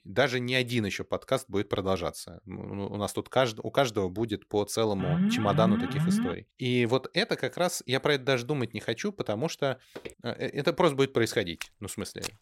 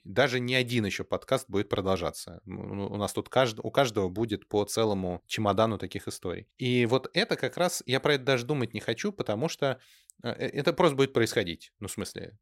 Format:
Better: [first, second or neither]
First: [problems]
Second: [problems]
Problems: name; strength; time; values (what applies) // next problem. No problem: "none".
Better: second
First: alarm; loud; from 5 to 6.5 s; peak 2 dB above the speech // footsteps; faint; at 10 s and at 12 s; peak 10 dB below the speech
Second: none